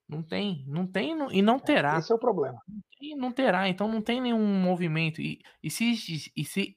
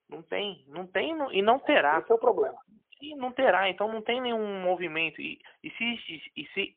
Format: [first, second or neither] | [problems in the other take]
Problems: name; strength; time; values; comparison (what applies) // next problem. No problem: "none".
first | phone-call audio; poor line; nothing above 3 kHz